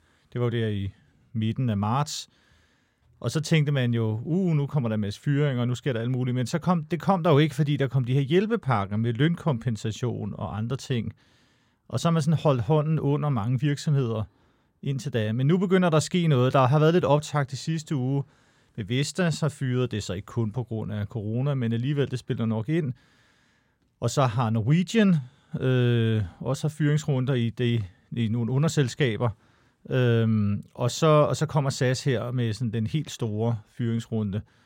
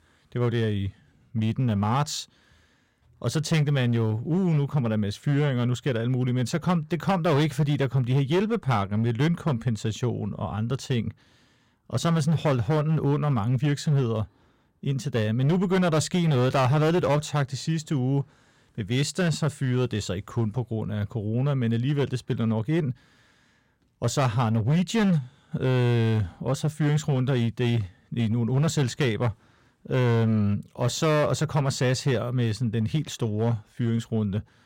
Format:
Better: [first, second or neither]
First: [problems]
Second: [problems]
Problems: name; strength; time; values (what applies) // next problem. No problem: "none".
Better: first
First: none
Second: distortion; slight; 9% of the sound clipped